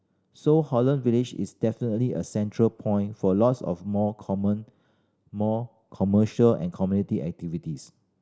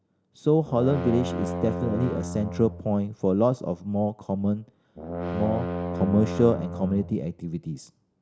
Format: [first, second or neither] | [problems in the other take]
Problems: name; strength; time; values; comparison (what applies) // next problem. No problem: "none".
first | background sound (Brass instrument); 7 dB below the speech